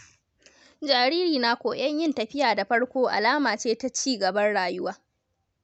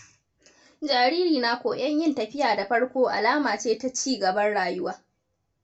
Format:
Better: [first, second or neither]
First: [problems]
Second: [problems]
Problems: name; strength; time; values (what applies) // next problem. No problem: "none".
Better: first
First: none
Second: room echo; dies away in 0.2 s